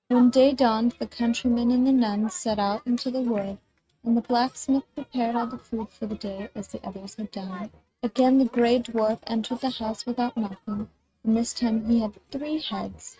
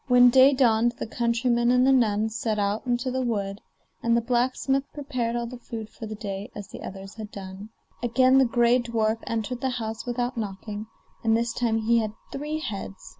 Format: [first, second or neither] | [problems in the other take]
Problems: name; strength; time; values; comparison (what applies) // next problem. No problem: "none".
second | noise reduction (neural mask model RNNoise)